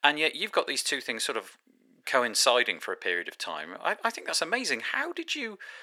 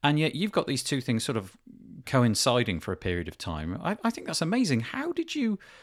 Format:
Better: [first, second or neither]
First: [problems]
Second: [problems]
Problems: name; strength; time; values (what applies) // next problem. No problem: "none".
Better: second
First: thin; very; fading below 450 Hz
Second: none